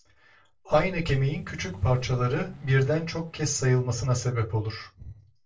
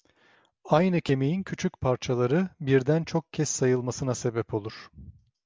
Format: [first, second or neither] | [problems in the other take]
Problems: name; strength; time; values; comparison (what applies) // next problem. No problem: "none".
second | noise reduction (neural separator model SepFormer DNS4)